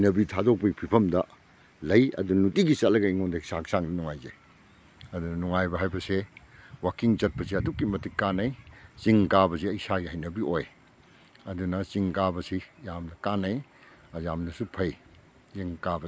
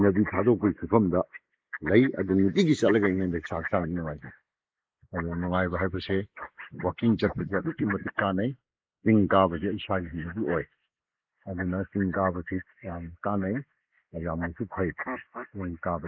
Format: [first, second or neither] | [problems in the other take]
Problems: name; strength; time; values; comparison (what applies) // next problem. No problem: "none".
first | noise reduction (neural mask model Resemble Enhance denoiser)